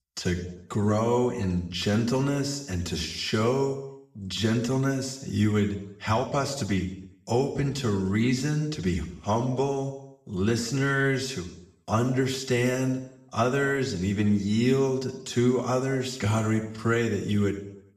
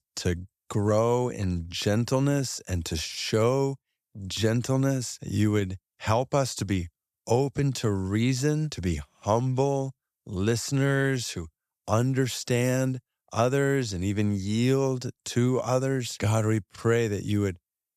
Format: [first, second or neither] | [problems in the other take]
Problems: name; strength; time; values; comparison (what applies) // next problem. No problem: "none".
second | room echo; slight; dies away in 0.7 s // off-mic speech; far